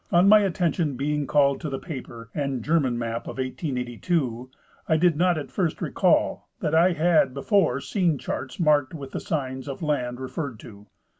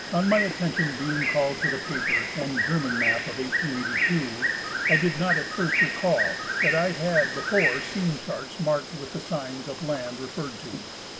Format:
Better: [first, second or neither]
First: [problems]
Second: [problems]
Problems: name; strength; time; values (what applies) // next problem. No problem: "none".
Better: first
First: none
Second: background sound (Bird); as loud as the speech